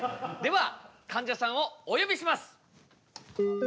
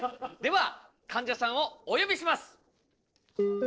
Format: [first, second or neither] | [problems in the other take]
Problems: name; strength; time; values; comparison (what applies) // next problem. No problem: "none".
first | noise reduction (neural separator model SepFormer DNS4)